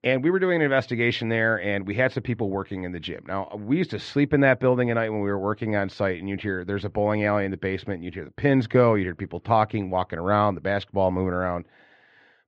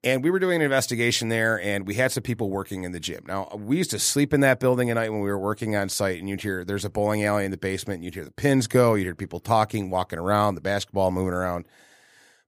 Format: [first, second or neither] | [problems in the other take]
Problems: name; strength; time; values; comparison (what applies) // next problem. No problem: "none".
second | muffled; very; fading above 3.5 kHz